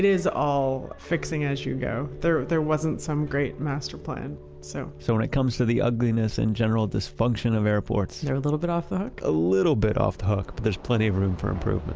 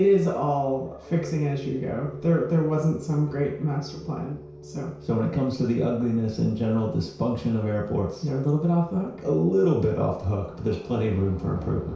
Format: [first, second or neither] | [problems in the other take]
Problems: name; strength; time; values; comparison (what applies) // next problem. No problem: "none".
first | room echo; dies away in 0.6 s